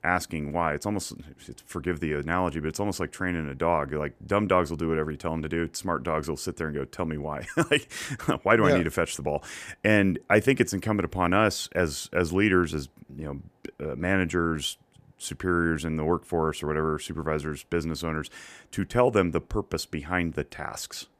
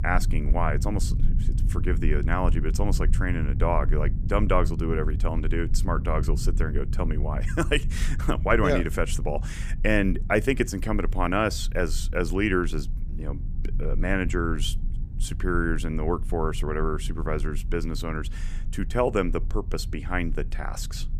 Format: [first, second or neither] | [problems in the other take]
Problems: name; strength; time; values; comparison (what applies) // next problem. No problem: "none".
first | low rumble; noticeable; throughout; 15 dB below the speech